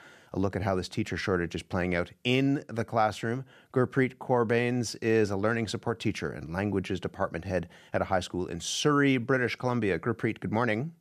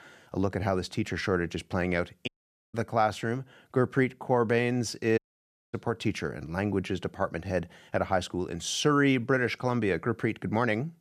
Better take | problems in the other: first | audio cutting out; at 2.5 s and at 5 s for 0.5 s

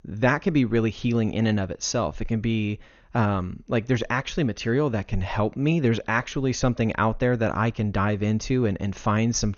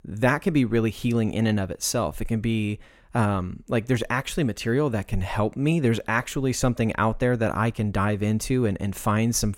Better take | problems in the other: second | garbled, watery; slightly; nothing above 6.5 kHz

